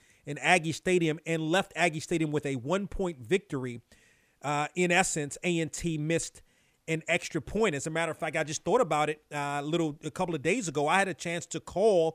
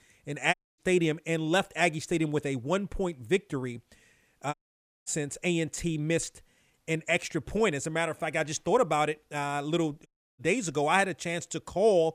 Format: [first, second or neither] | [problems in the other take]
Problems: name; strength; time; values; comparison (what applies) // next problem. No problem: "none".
first | audio cutting out; at 0.5 s, at 4.5 s for 0.5 s and at 10 s